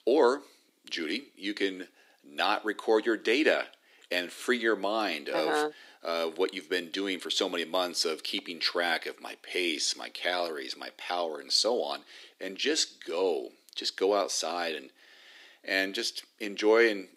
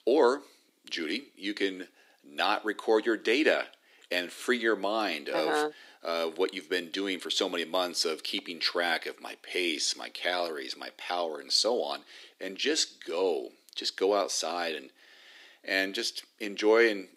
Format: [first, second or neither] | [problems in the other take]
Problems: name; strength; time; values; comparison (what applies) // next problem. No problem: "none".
neither | thin; somewhat; fading below 300 Hz; the same in both